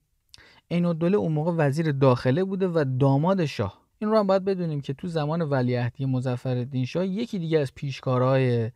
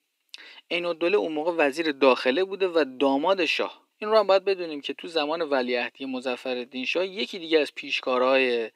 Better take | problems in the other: first | thin; somewhat; fading below 300 Hz

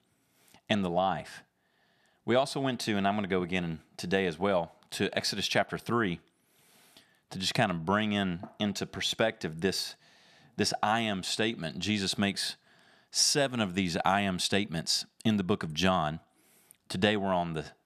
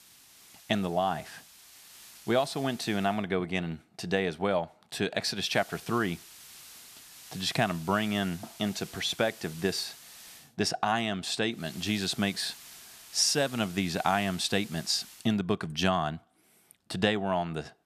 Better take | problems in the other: first | hiss; noticeable; until 3 s, from 5.5 to 10 s and from 12 to 15 s; 20 dB below the speech

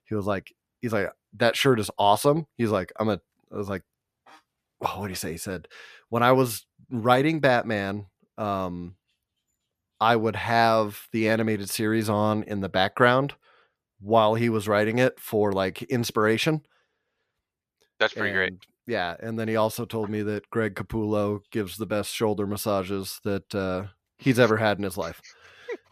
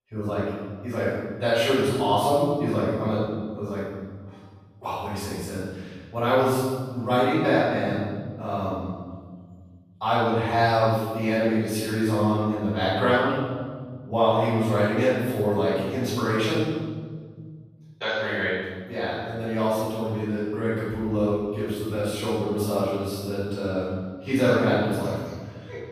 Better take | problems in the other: first | room echo; strong; dies away in 1.8 s // off-mic speech; far

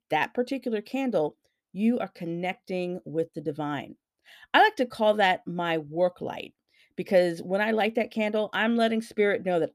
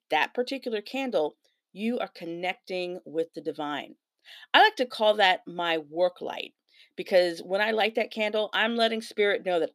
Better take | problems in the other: first | thin; very slightly; fading below 300 Hz

